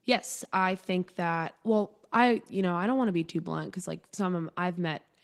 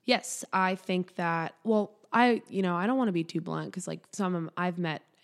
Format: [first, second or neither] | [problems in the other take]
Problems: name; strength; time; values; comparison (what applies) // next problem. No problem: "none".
second | garbled, watery; slightly; nothing above 16 kHz